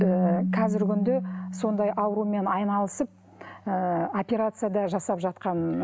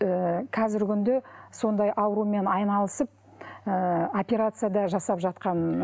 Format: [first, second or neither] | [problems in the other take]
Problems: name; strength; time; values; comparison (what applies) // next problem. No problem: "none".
second | background sound (Keyboard (musical)); 5 dB below the speech